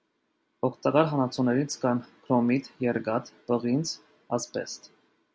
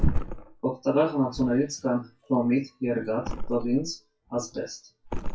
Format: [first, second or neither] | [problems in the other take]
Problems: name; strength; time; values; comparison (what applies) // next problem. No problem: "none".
first | noise reduction (classical method WPE with log-MMSE)